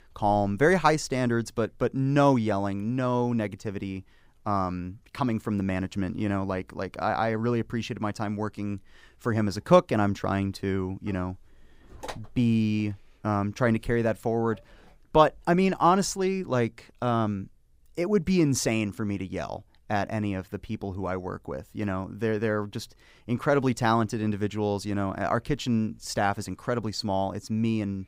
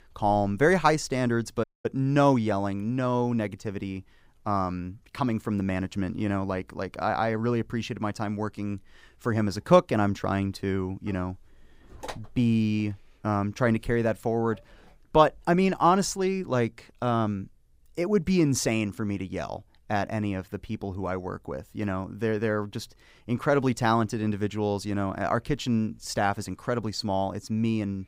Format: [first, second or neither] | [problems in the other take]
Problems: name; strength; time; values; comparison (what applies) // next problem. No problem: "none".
first | audio cutting out; at 1.5 s